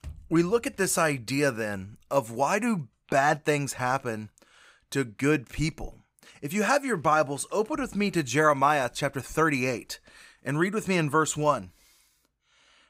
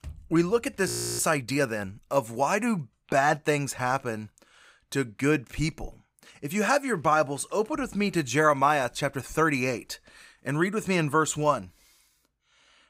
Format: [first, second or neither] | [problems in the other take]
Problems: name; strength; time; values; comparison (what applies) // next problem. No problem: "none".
first | audio freezing; at 1 s